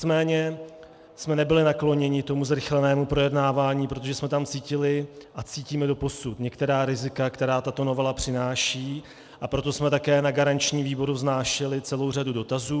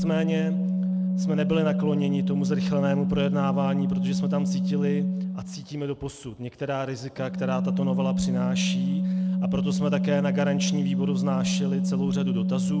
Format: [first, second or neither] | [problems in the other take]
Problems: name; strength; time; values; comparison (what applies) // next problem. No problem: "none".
first | background sound (Organ); 5 dB above the speech